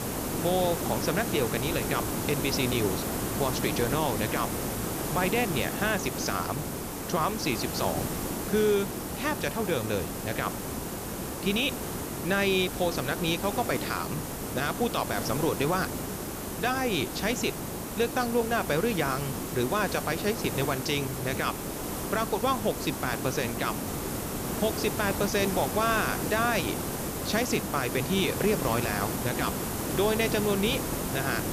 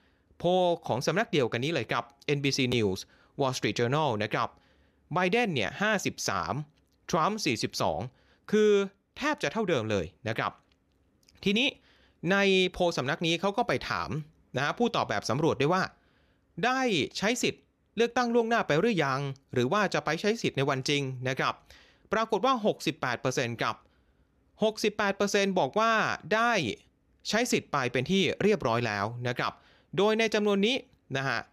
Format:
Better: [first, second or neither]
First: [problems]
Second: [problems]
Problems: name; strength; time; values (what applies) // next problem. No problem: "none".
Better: second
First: hiss; loud; throughout; 3 dB below the speech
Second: none